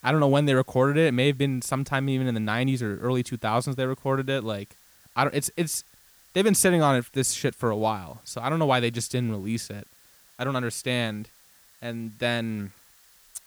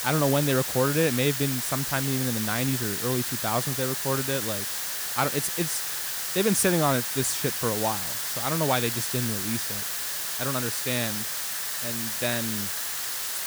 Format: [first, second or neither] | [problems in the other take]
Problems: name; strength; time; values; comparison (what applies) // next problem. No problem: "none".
first | hiss; loud; throughout; as loud as the speech; faint in the first